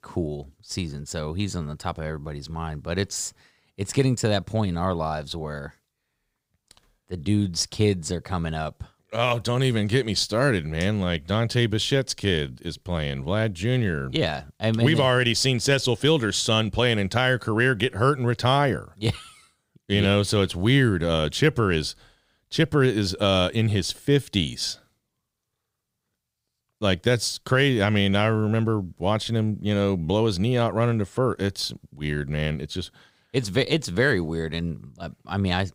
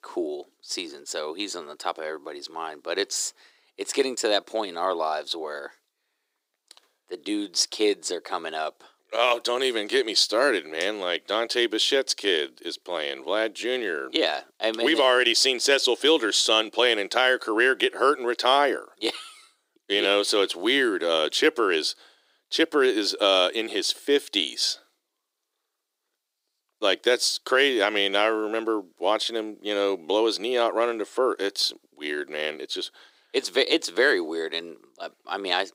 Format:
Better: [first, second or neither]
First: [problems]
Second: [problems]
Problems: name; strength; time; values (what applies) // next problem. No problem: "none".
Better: first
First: none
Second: thin; very; fading below 300 Hz